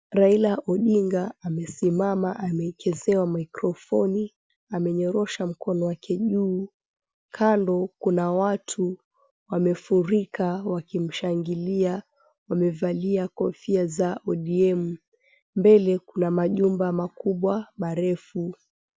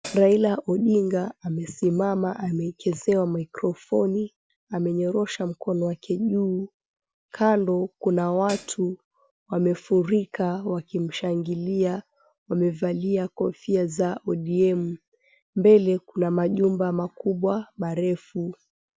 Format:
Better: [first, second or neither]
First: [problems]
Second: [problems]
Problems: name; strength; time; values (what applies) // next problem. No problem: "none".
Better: first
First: none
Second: background sound (Hi-hat); 16 dB below the speech